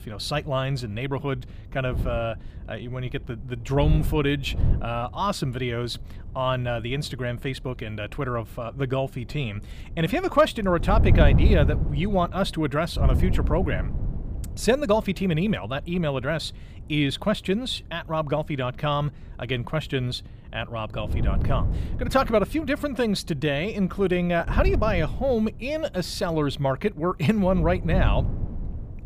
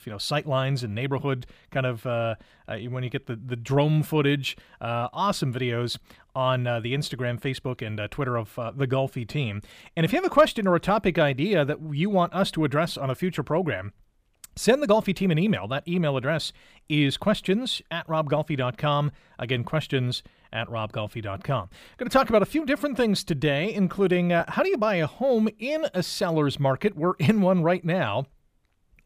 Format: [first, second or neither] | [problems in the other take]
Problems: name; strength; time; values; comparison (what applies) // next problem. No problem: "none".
second | wind noise on the microphone; occasional gusts; 15 dB below the speech